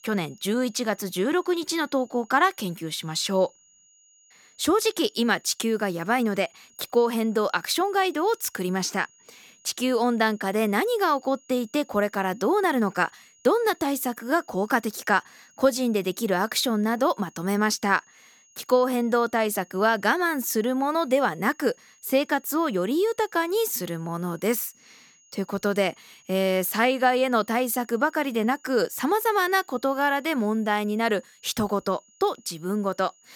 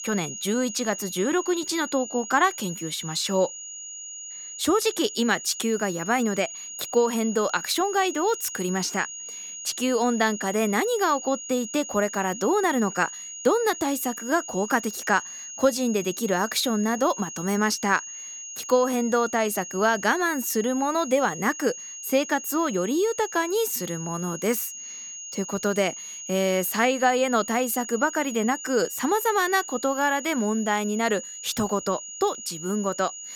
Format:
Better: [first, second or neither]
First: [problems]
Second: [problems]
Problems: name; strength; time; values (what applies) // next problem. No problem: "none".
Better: first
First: high-pitched whine; faint; throughout; 6.5 kHz, 30 dB below the speech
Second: high-pitched whine; loud; throughout; 6.5 kHz, 10 dB below the speech